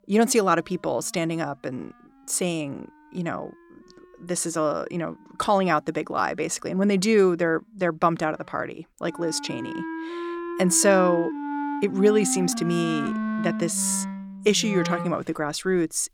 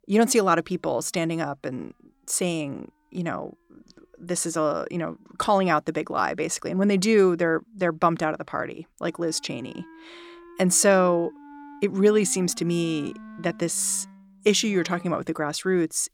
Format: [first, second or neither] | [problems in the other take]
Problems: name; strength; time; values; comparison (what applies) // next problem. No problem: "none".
second | background music; loud; throughout; 7 dB below the speech; faint in the second